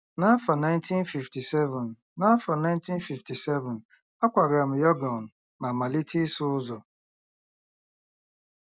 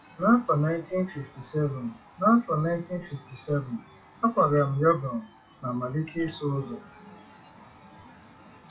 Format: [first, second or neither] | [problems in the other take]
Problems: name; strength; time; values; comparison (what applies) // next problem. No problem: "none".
first | noise reduction (classical method WPE with log-MMSE)